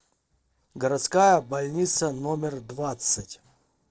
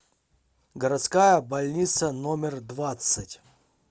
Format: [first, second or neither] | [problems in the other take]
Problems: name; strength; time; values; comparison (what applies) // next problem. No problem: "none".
second | noise reduction (neural separator model SepFormer DNS4)